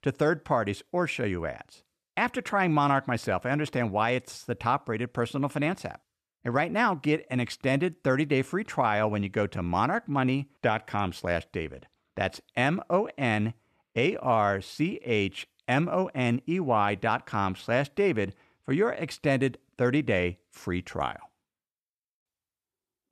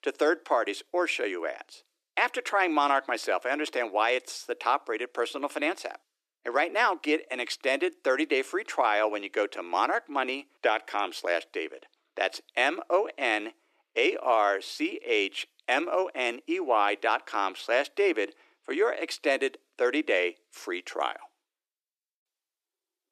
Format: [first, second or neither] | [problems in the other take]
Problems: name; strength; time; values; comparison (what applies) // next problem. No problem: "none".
first | thin; very; fading below 300 Hz